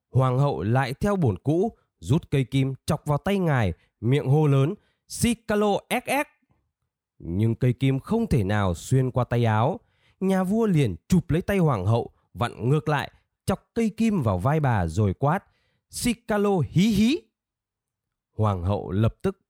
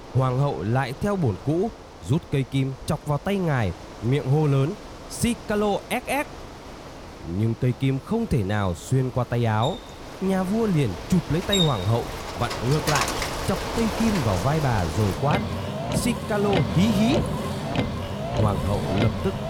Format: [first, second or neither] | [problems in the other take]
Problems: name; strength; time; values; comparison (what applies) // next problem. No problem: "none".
first | traffic noise; loud; throughout; 5 dB below the speech